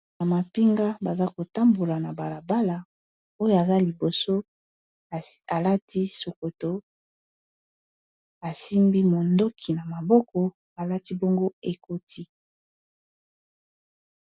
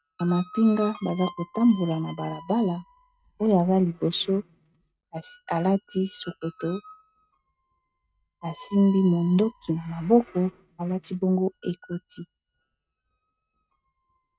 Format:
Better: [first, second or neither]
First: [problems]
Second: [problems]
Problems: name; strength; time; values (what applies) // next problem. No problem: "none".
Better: first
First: none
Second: noise reduction (neural mask model RNNoise)